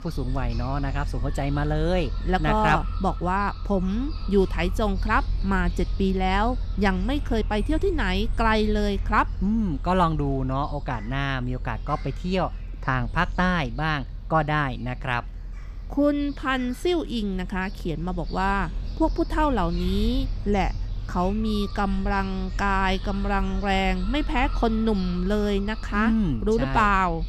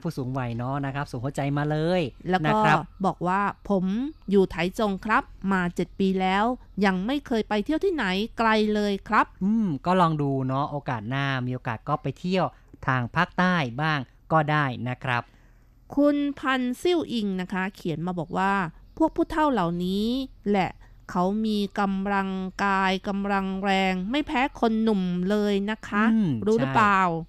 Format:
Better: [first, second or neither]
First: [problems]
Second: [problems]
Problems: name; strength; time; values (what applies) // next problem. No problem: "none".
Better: second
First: animal sounds; loud; throughout; 8 dB below the speech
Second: animal sounds; faint; throughout; 30 dB below the speech